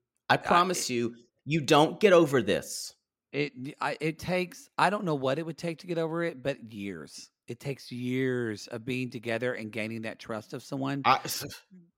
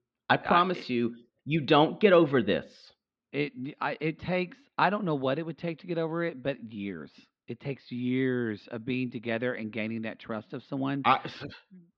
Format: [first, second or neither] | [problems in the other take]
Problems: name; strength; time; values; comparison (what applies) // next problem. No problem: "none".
first | muffled; slightly; fading above 4 kHz